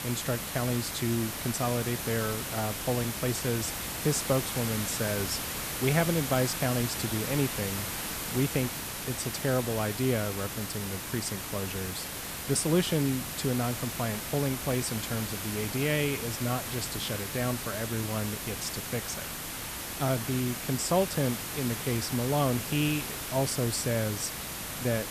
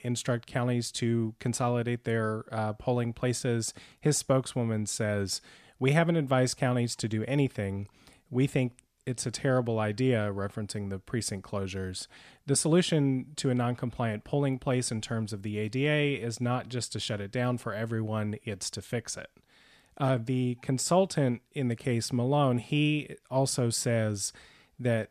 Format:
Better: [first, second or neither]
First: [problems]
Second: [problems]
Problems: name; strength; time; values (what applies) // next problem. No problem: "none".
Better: second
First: hiss; loud; throughout; 3 dB below the speech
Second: none